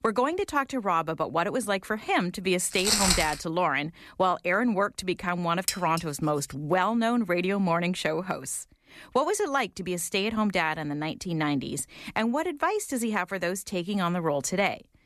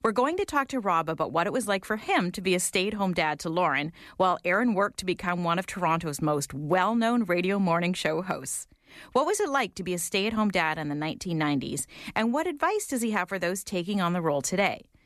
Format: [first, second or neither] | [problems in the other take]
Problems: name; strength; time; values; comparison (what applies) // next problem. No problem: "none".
second | footsteps; loud; at 3 s; peak 6 dB above the speech // clattering dishes; noticeable; at 5.5 s; peak 3 dB below the speech